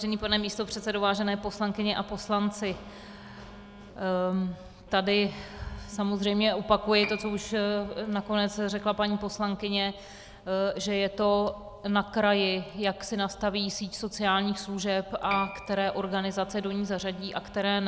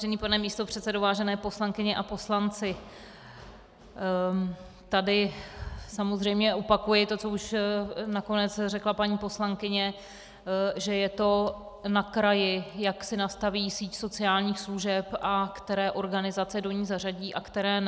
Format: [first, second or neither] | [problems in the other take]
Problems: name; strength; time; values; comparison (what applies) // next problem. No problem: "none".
second | background sound (Piano + Telephone); 18 dB below the speech